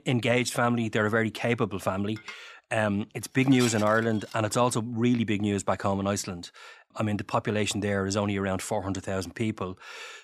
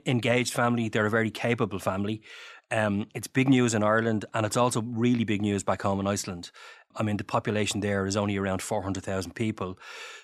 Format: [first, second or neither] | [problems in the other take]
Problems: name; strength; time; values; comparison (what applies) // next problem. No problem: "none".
second | clattering dishes; noticeable; from 2 to 4.5 s; peak 7 dB below the speech